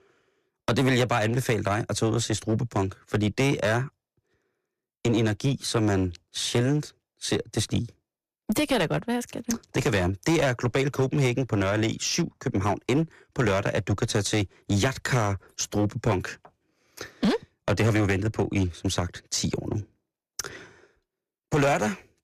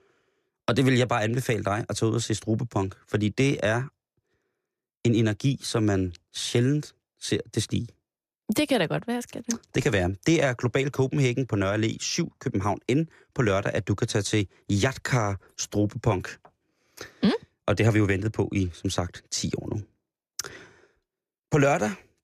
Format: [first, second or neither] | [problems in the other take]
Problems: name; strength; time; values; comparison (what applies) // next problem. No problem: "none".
second | distortion; slight; 8% of the sound clipped